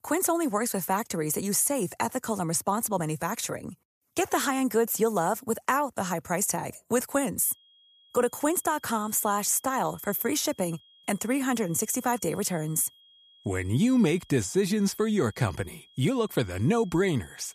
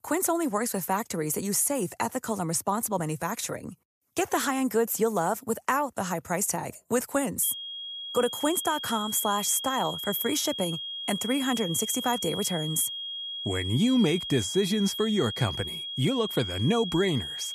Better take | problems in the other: first | high-pitched whine; loud; from 7.5 s on; 3.5 kHz, 6 dB below the speech; faint in the first

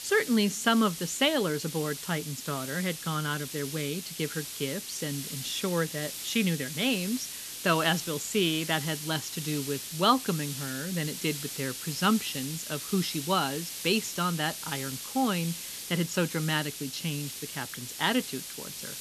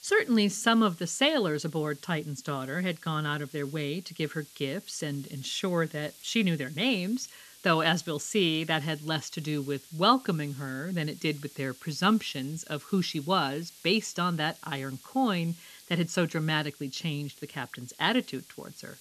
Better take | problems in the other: second | hiss; loud; throughout; 7 dB below the speech; faint in the second

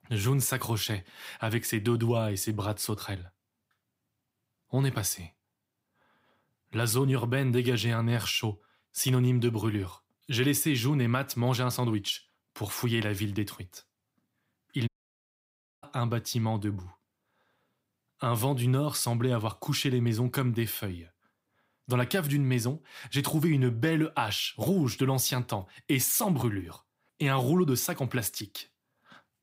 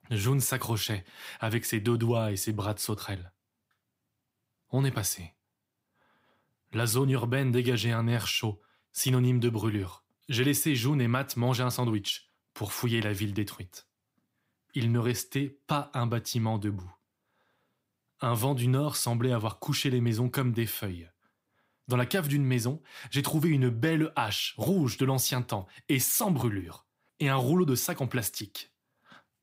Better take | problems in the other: second | audio cutting out; at 15 s for 1 s

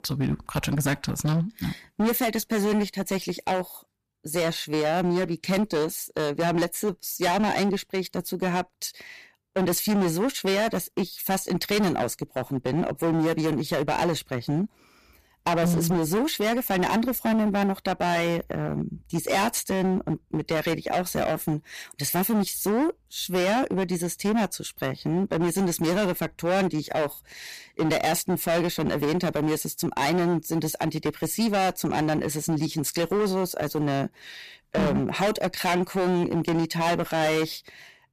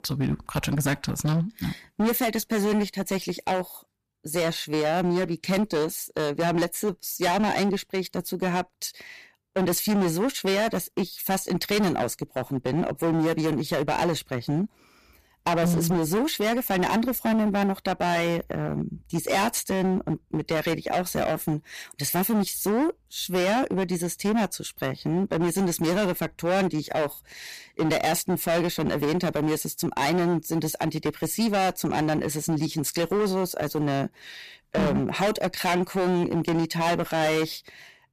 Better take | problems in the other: neither | distortion; heavy; 16% of the sound clipped; the same in both

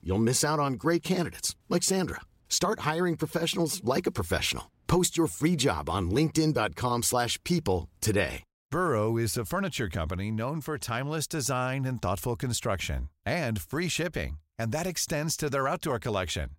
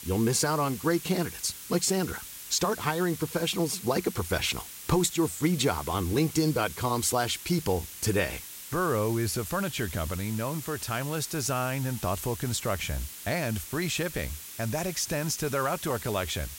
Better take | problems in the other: first | hiss; noticeable; throughout; 10 dB below the speech

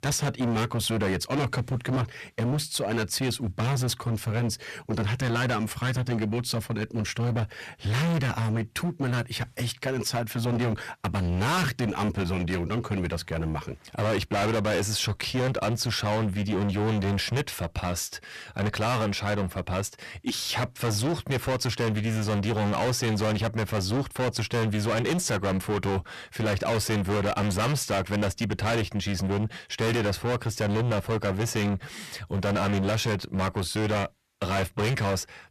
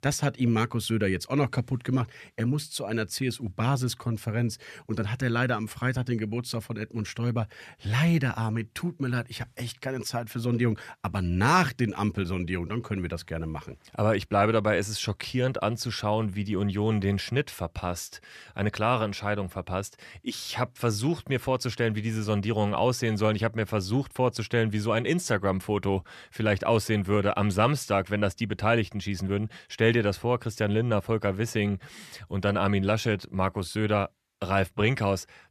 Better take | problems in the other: second | distortion; heavy; 27% of the sound clipped

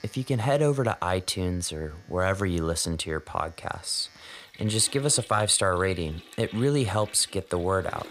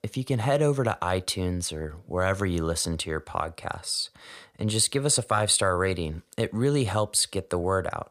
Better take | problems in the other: second | household noises; faint; throughout; 20 dB below the speech

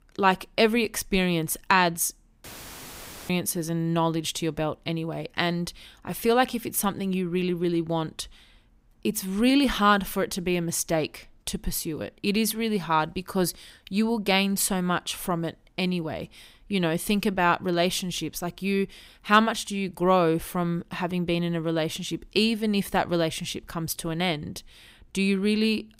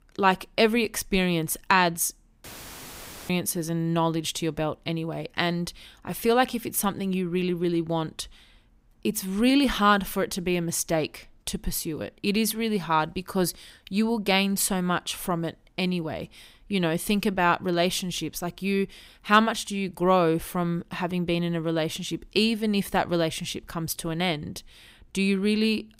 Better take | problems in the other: neither | audio cutting out; filled with static; at 2.5 s for 1 s; the same in both

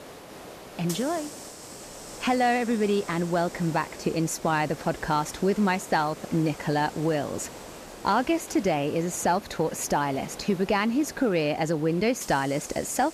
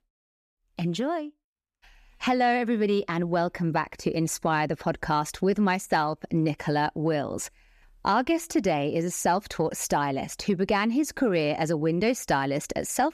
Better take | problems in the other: second | hiss; noticeable; throughout; 15 dB below the speech

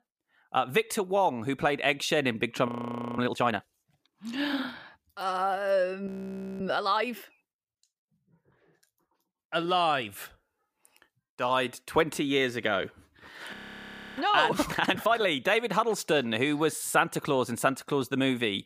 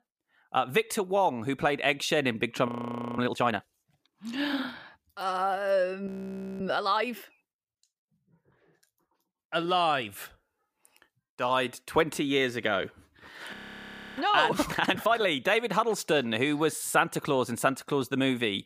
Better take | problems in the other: neither | audio freezing; at 2.5 s for 0.5 s, at 6 s for 0.5 s and at 14 s for 0.5 s; the same in both

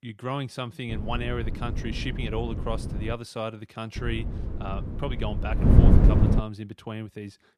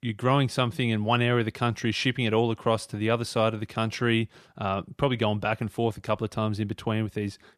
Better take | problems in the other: second | wind noise on the microphone; heavy; from 1 to 3 s and from 4 to 6.5 s; 1 dB below the speech

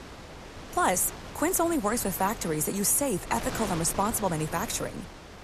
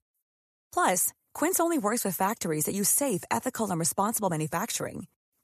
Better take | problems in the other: second | wind noise on the microphone; occasional gusts; 10 dB below the speech

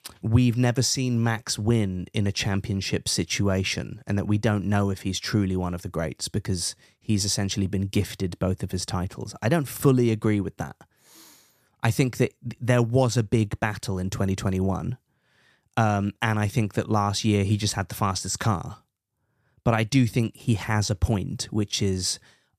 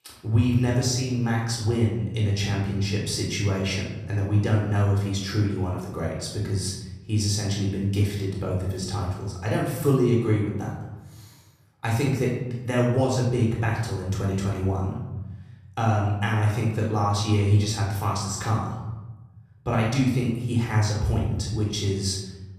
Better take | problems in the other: first | off-mic speech; far // room echo; noticeable; dies away in 1 s

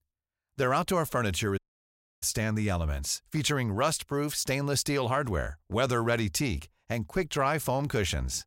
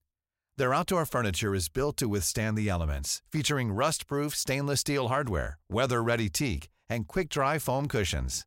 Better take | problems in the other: second | audio cutting out; at 1.5 s for 0.5 s

